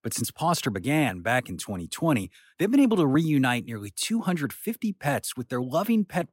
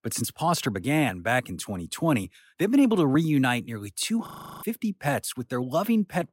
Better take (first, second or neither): first